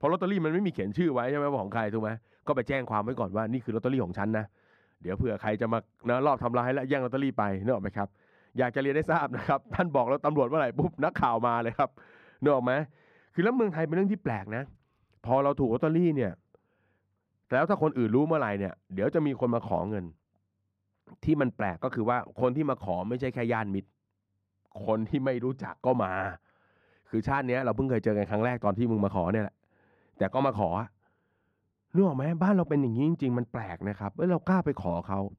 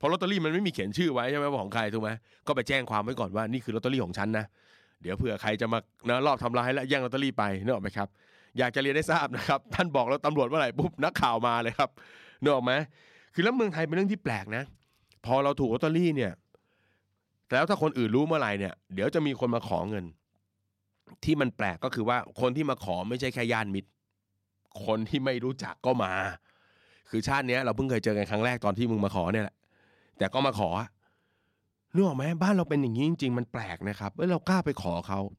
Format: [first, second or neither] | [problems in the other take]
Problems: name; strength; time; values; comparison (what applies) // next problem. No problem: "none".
second | muffled; very; fading above 2.5 kHz